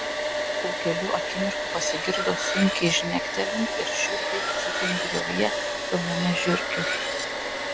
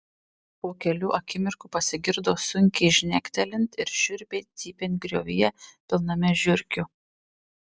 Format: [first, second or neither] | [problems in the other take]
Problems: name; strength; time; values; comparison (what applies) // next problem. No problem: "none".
second | background sound (Domestic sounds, home sounds + Cutlery, silverware); 1 dB above the speech